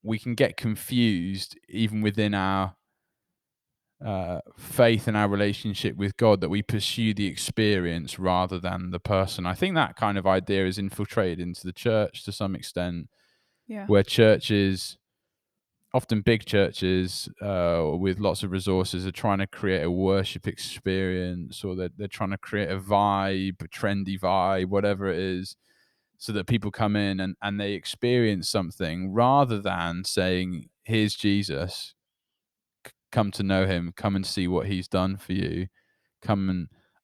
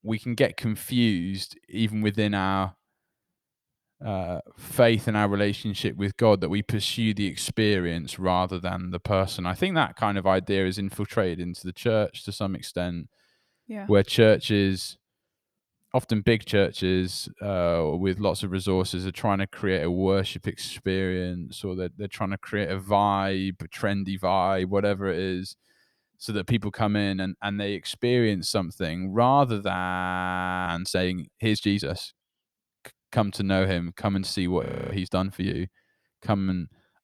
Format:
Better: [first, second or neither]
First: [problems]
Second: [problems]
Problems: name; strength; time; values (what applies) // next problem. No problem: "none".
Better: first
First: none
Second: audio freezing; at 30 s for 1 s and at 35 s